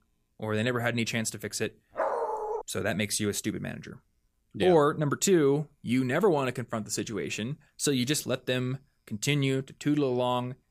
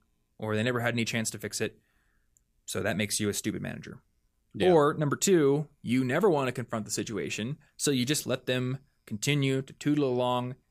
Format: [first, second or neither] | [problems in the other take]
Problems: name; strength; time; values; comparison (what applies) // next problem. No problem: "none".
second | dog barking; noticeable; at 2 s; peak 2 dB below the speech